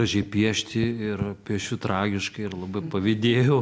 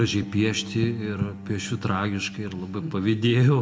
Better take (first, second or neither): first